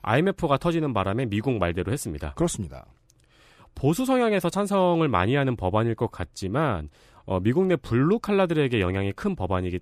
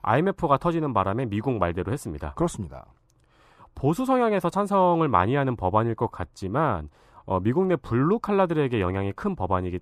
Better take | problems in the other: first | muffled; slightly; fading above 2 kHz

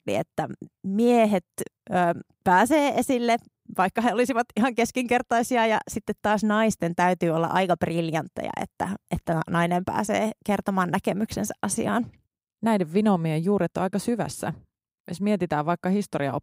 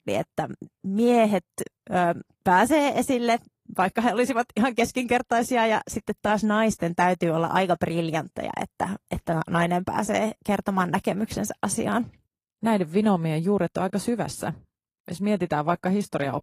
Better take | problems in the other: first | garbled, watery; slightly; nothing above 14.5 kHz

